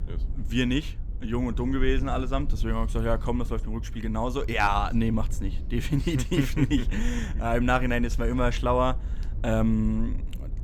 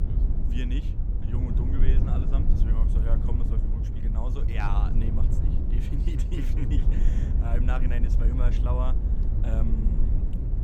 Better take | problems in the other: first | low rumble; loud; throughout; 2 dB below the speech; faint in the first

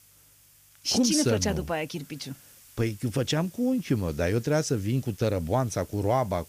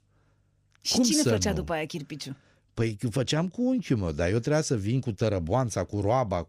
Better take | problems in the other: second | hiss; faint; throughout; 25 dB below the speech

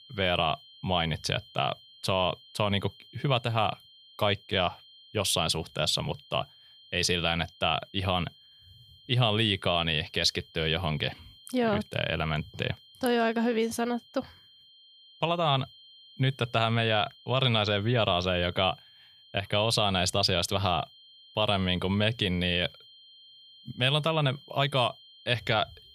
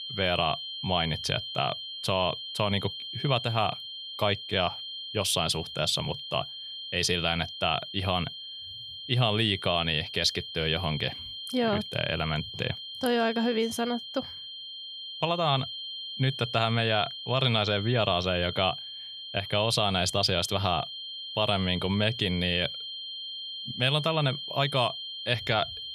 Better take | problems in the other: first | high-pitched whine; loud; throughout; 3 kHz, 8 dB below the speech; faint in the first

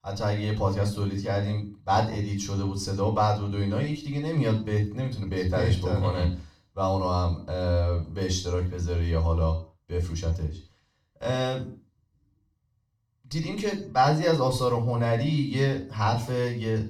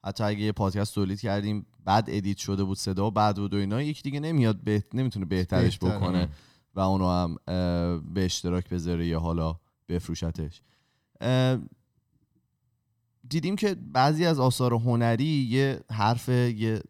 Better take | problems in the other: second | room echo; slight; dies away in 0.4 s // off-mic speech; far

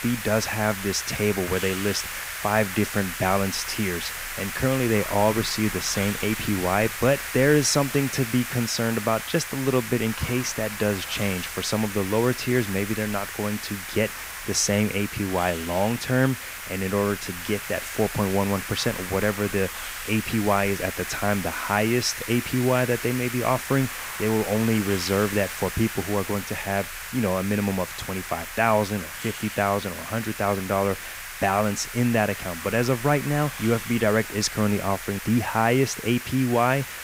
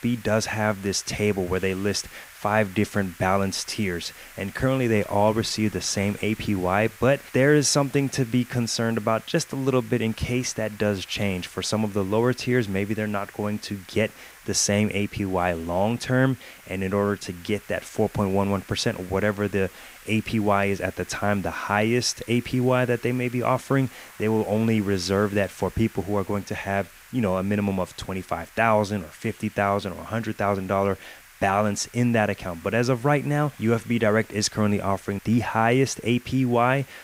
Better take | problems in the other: second | hiss; loud; throughout; 7 dB below the speech; faint in the second

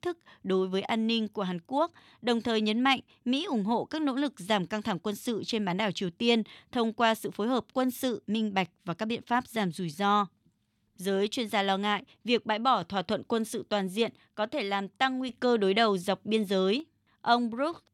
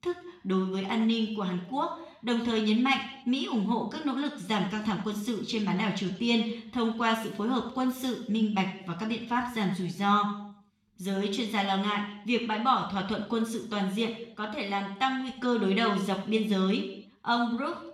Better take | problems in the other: first | room echo; slight; dies away in 0.7 s // off-mic speech; somewhat distant

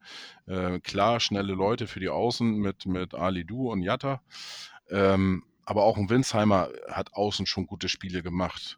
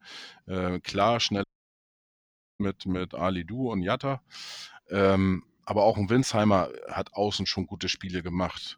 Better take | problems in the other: first | audio cutting out; at 1.5 s for 1 s

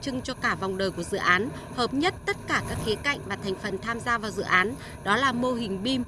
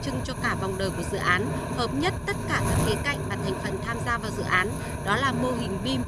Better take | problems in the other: first | wind noise on the microphone; heavy; 7 dB below the speech; occasional gusts in the first

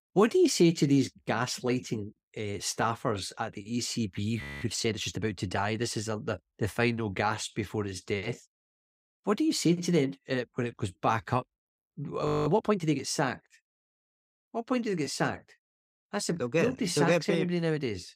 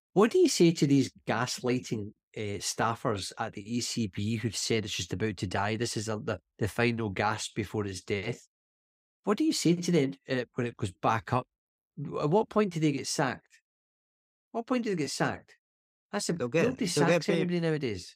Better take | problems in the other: second | audio freezing; at 4.5 s and at 12 s

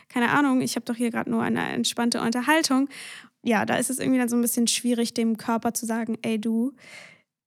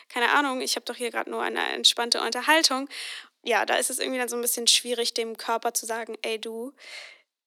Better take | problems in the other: first | thin; very; fading below 350 Hz

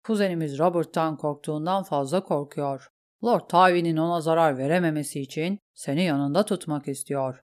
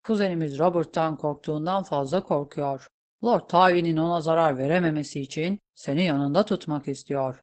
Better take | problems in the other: first | garbled, watery; badly; nothing above 8 kHz

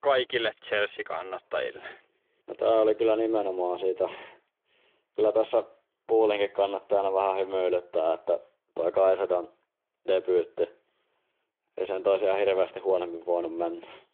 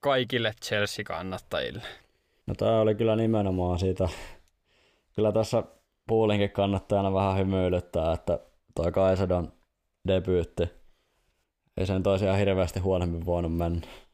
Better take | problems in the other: second | phone-call audio; nothing above 3.5 kHz

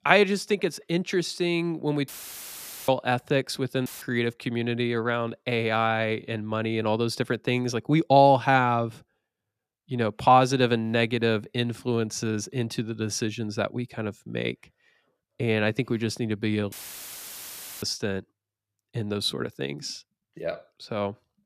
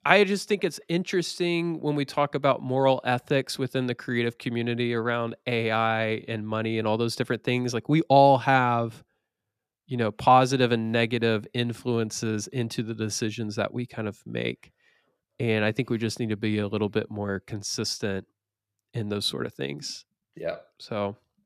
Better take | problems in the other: second | audio cutting out; filled with static; at 2 s for 1 s, at 4 s and at 17 s for 1 s

